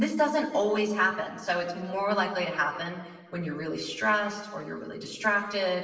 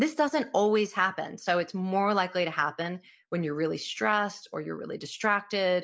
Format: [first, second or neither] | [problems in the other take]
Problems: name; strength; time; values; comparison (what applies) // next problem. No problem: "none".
second | room echo; dies away in 1.4 s